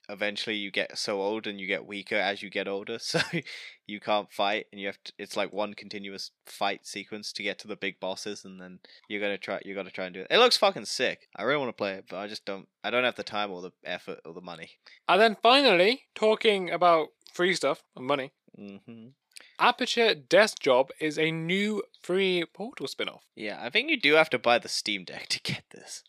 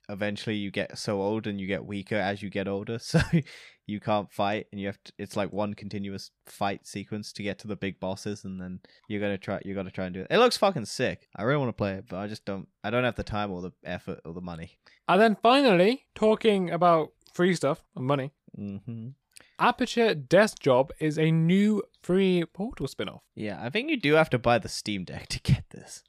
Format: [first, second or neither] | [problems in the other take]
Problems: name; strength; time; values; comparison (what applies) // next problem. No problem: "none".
second | thin; somewhat; fading below 300 Hz